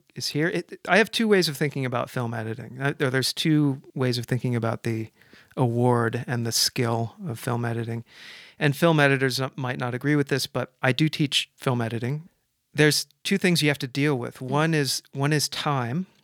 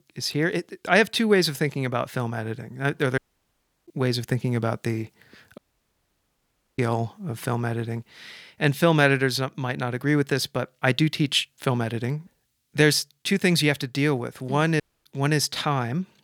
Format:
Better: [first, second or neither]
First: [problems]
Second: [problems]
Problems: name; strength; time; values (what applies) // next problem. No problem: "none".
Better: first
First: none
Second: audio cutting out; at 3 s for 0.5 s, at 5.5 s for 1 s and at 15 s